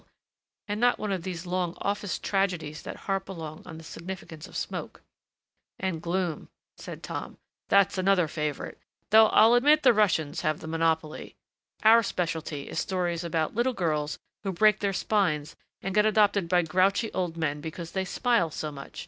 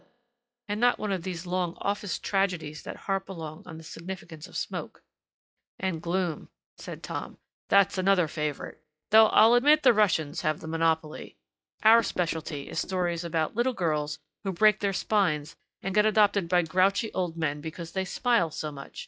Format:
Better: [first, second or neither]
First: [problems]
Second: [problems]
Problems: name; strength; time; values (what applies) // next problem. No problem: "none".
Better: first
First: none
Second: noise reduction (classical method log-MMSE)